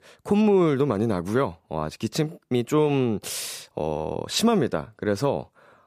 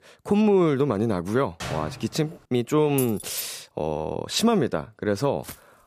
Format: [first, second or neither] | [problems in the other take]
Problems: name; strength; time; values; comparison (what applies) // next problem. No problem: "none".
first | door banging; noticeable; at 1.5 s; peak 9 dB below the speech // jangling keys; noticeable; at 3 s; peak 9 dB below the speech // footsteps; faint; at 5.5 s; peak 15 dB below the speech